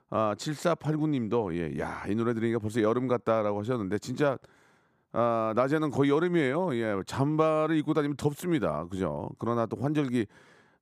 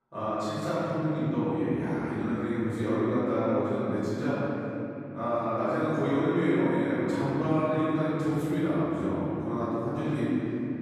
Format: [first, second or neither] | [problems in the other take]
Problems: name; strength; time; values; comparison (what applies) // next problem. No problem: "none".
first | room echo; strong; dies away in 3 s // off-mic speech; far